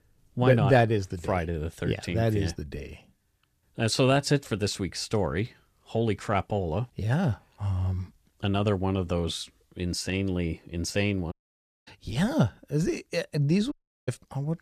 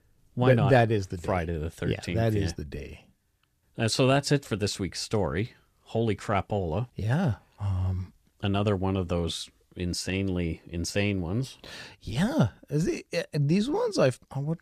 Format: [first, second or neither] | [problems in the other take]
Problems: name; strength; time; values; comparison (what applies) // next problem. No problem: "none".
second | audio cutting out; at 11 s for 0.5 s and at 14 s